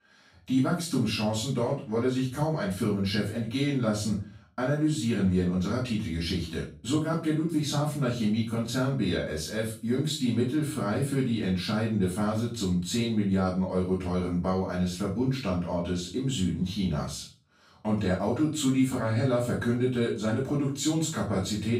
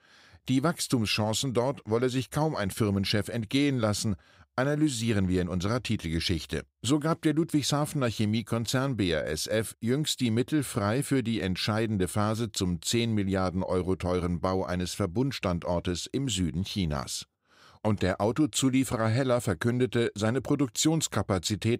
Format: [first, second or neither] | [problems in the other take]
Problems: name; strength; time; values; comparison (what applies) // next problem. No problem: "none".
second | off-mic speech; far // room echo; noticeable; dies away in 0.3 s